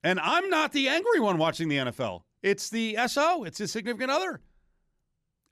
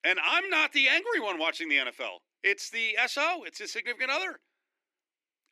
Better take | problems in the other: first | thin; somewhat; fading below 300 Hz

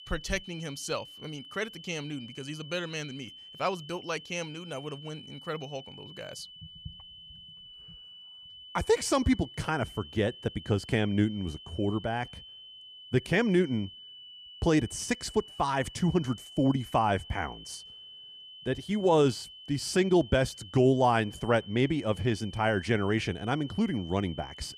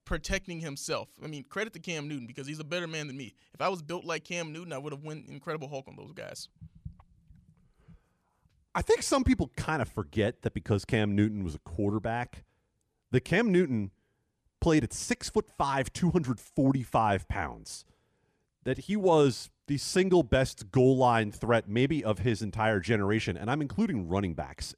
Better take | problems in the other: second | high-pitched whine; noticeable; throughout; 3 kHz, 15 dB below the speech

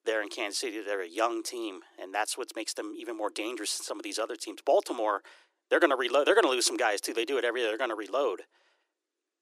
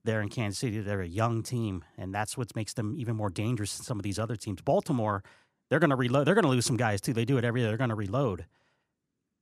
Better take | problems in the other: second | thin; very; fading below 350 Hz

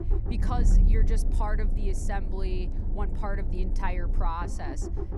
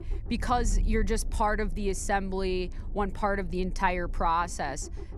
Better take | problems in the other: second | low rumble; loud; throughout; 8 dB below the speech; faint in the second

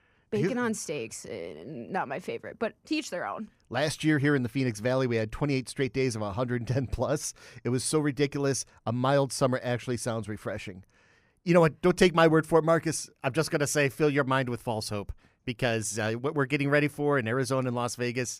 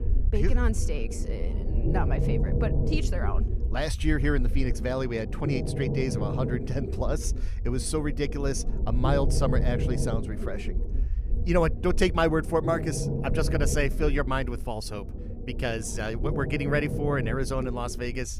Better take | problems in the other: first | low rumble; loud; throughout; 9 dB below the speech

